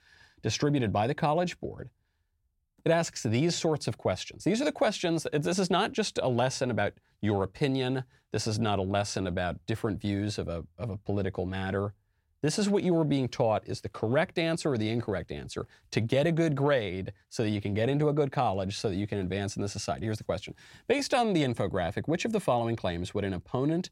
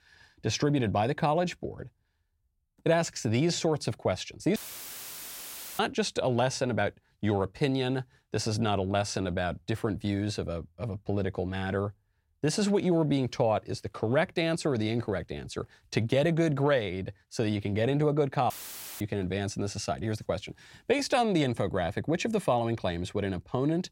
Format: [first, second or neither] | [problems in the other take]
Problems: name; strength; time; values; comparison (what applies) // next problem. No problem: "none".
first | audio cutting out; filled with static; at 4.5 s for 1 s and at 19 s for 0.5 s